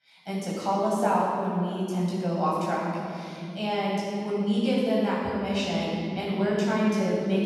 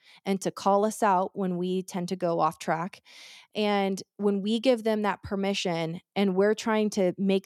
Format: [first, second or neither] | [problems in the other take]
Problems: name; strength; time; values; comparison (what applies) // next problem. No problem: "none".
second | off-mic speech; far // room echo; strong; dies away in 3 s